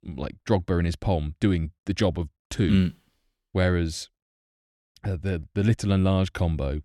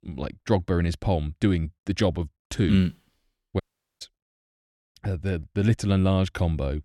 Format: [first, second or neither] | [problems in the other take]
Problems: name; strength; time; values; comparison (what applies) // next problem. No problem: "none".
first | audio cutting out; at 3.5 s